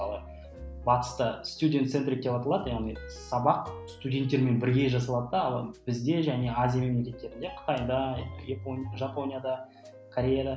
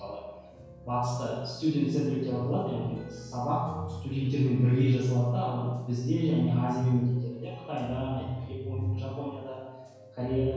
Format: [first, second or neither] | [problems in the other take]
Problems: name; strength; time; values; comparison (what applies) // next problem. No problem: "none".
first | room echo; dies away in 1 s